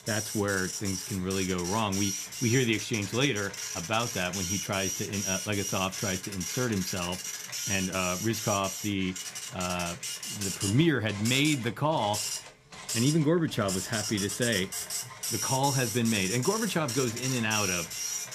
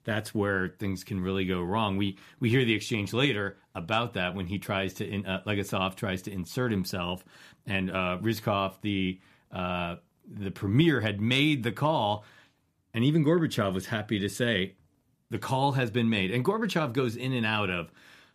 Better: second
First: household noises; loud; throughout; 3 dB below the speech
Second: none

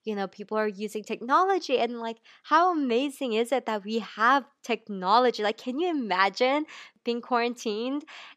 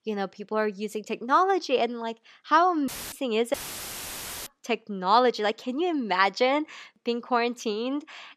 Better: first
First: none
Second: audio cutting out; filled with static; at 3 s and at 3.5 s for 1 s

